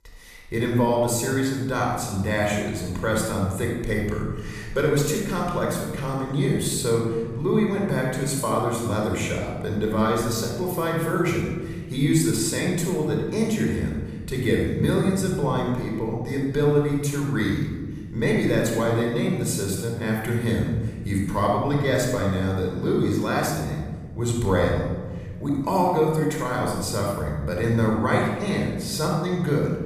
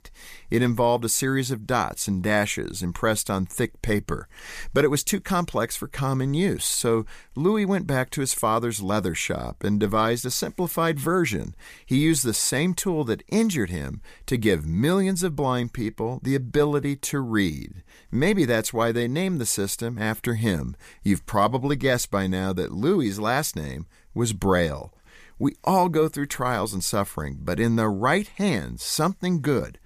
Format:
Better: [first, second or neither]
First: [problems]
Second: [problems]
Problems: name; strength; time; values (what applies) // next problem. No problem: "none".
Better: second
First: off-mic speech; somewhat distant // room echo; noticeable; dies away in 1.8 s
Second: none